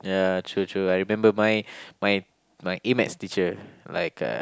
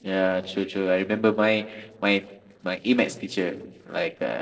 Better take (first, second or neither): first